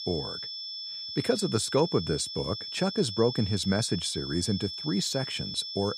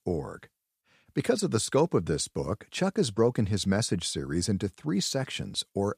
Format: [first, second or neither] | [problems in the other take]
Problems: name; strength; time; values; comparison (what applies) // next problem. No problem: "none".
second | high-pitched whine; loud; throughout; 5.5 kHz, 6 dB below the speech